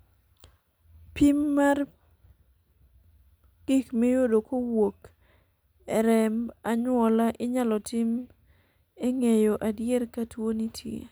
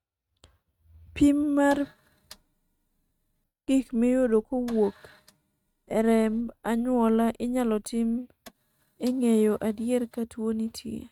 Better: first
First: none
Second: noise reduction (neural mask model RNNoise)

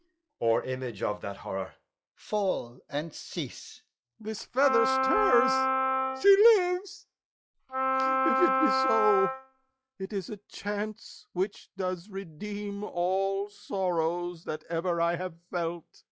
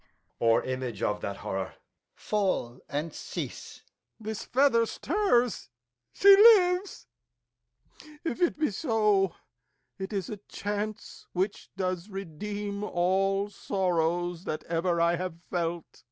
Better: second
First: noise reduction (classical method log-MMSE)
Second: none

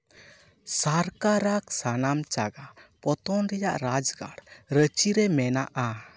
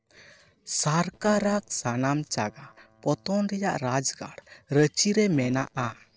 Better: first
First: none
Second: noise reduction (neural separator model SepFormer DNS4)

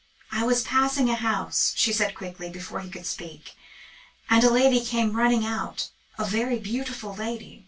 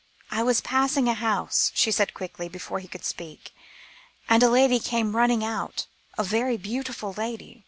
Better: second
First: room echo; dies away in 0.1 s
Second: none

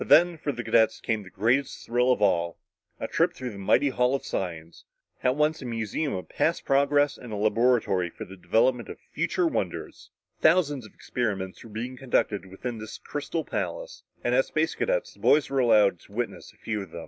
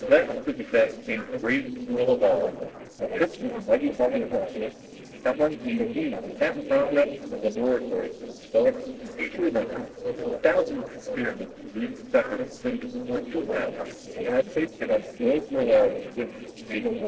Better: first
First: none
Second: noise reduction (neural separator model SepFormer DNS4)

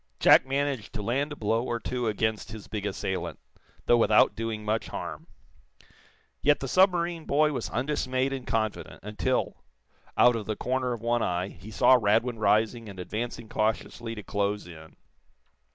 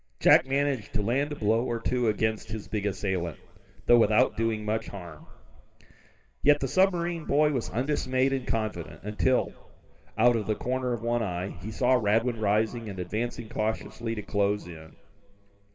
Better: first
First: none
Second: room echo; dies away in 2.8 s

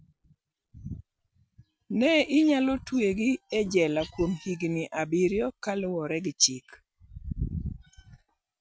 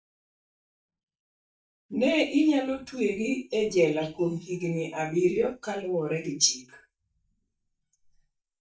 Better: first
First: none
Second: noise reduction (neural mask model DeepFilterNet 3)

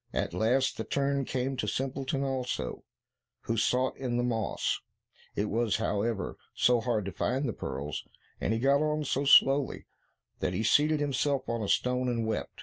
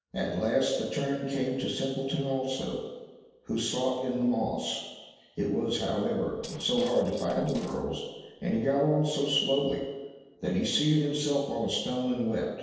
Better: first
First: none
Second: noise reduction (neural separator model SepFormer DNS4)

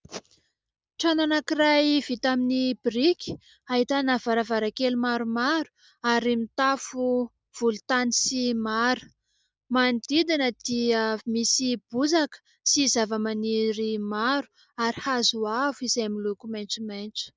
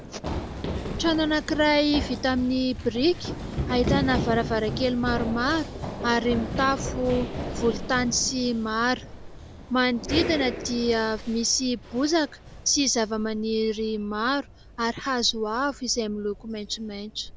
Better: first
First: none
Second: background sound (Run); 7 dB below the speech

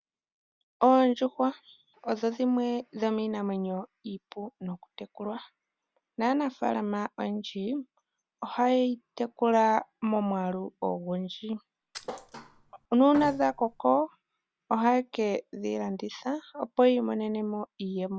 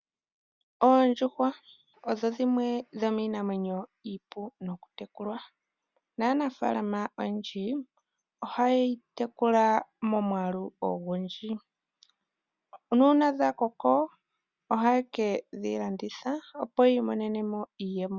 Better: second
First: background sound (Thump, thud); 14 dB below the speech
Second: none

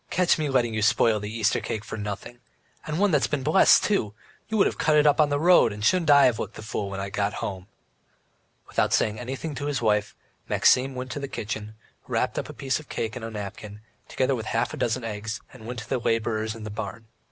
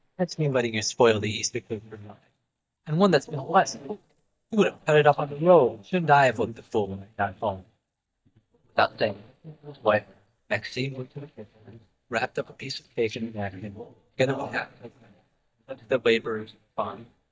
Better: first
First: none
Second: noise reduction (neural mask model DeepFilterNet 3)

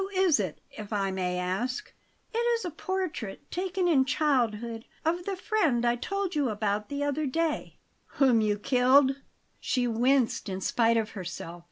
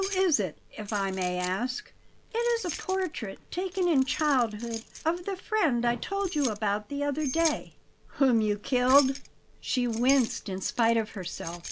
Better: first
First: none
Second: background sound (Keys jangling); 13 dB below the speech

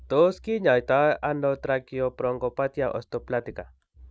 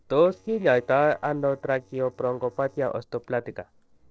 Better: first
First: none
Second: noise reduction (neural separator model SepFormer DNS4)

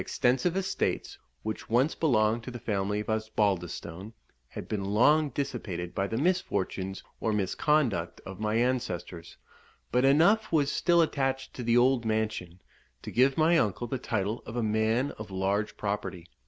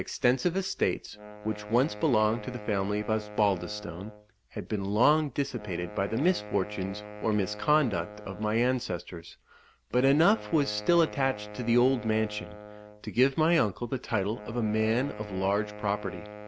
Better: first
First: none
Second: background sound (Wind instrument, woodwind instrument); 15 dB below the speech

